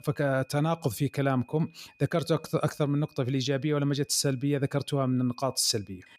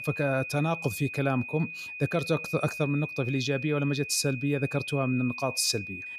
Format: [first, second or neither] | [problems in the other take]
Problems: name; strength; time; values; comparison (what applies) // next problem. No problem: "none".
first | high-pitched whine; loud; throughout; 2.5 kHz, 8 dB below the speech; faint in the first